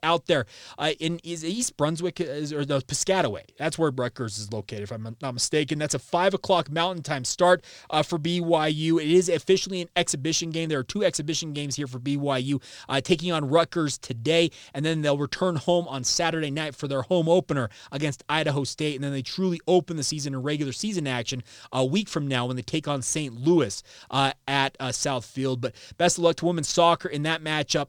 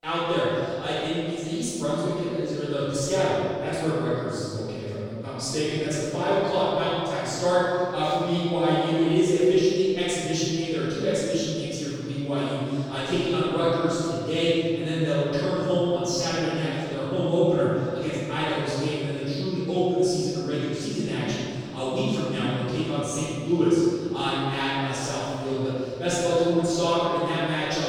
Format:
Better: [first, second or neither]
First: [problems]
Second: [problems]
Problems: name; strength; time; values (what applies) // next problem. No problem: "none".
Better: first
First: none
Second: off-mic speech; far // room echo; strong; dies away in 2.3 s